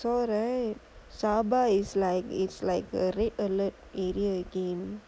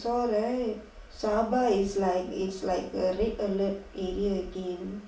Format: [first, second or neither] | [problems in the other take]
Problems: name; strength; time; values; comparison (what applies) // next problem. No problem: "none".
first | room echo; dies away in 0.4 s